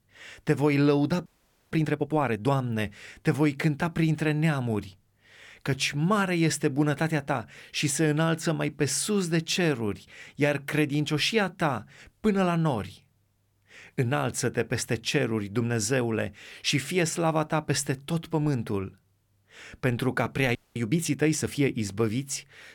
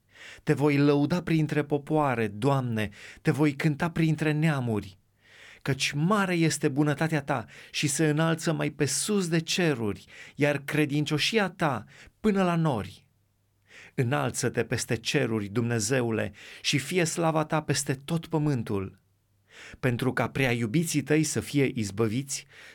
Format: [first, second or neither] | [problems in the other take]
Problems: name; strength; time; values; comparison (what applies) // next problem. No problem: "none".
second | audio freezing; at 1.5 s and at 21 s